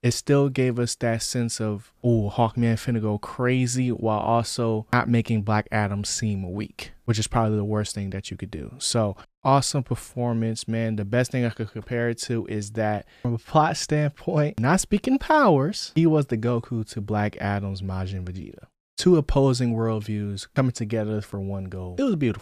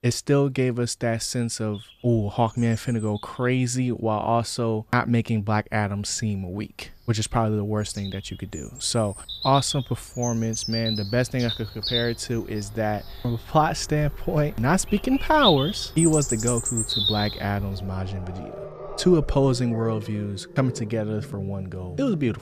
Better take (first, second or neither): first